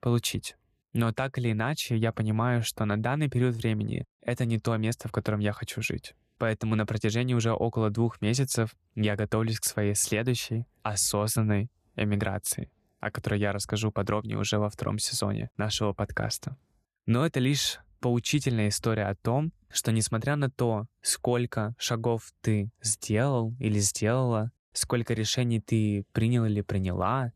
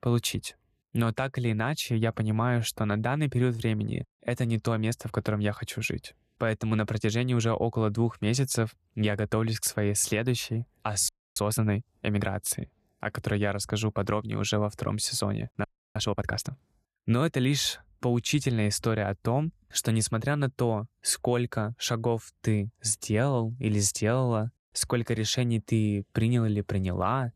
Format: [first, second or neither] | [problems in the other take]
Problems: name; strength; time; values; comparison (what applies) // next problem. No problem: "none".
first | audio freezing; at 11 s and at 16 s